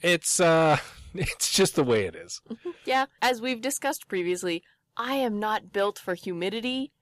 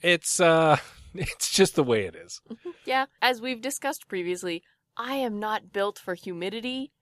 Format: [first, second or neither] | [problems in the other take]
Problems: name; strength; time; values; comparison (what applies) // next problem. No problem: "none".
second | distortion; slight; 10 dB below the speech